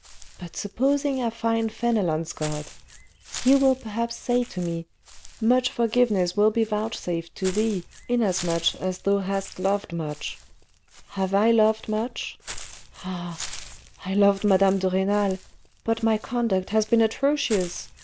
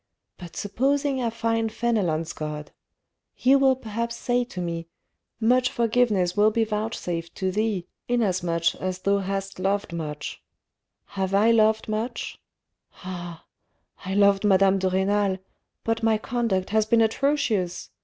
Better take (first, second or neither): second